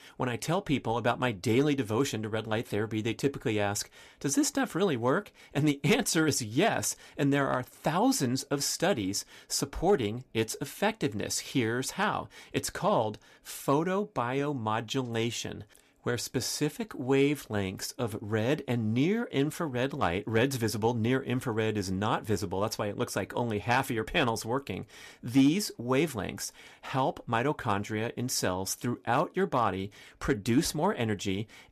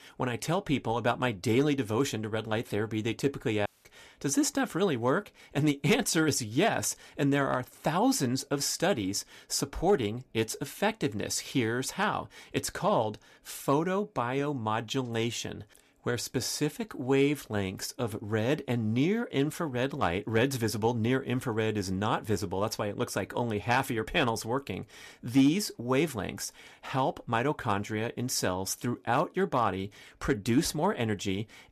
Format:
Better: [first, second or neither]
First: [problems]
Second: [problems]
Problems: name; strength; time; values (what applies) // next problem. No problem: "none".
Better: first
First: none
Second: audio cutting out; at 3.5 s